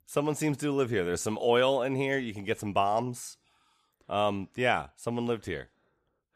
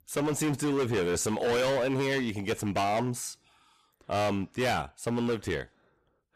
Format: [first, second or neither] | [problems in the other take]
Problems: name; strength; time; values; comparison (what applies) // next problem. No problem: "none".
first | distortion; heavy; 18% of the sound clipped